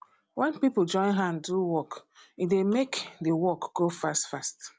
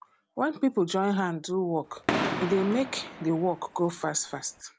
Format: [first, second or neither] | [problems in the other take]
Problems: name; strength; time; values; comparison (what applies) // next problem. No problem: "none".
first | background sound (Fireworks); 6 dB below the speech